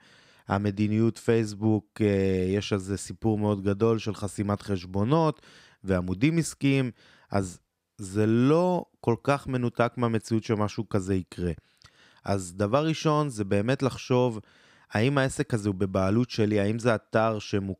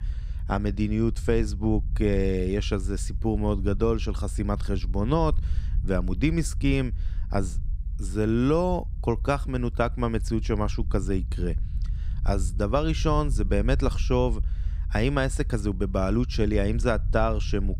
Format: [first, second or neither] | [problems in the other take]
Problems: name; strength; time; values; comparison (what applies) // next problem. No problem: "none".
first | low rumble; faint; throughout; 20 dB below the speech